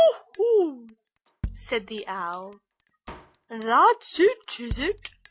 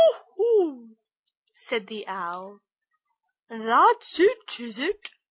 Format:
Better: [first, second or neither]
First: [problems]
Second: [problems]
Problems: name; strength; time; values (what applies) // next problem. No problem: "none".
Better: second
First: background sound (Drum kit); 16 dB below the speech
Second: none